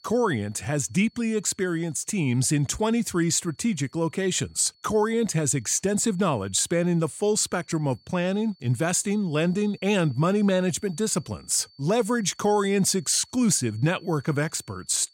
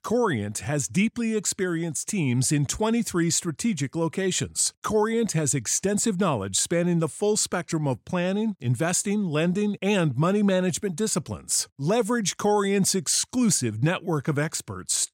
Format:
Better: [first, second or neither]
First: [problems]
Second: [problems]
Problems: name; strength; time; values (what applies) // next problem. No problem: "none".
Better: second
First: high-pitched whine; faint; throughout; 4.5 kHz, 30 dB below the speech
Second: none